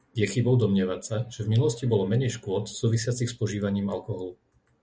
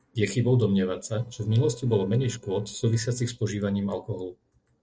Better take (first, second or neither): first